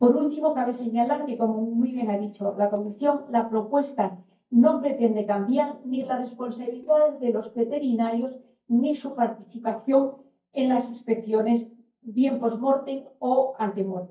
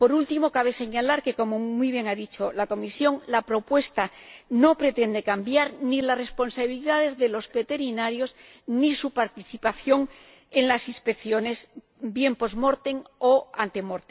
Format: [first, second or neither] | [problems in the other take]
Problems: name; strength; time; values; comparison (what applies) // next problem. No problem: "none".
second | noise reduction (neural mask model DeepFilterNet 3)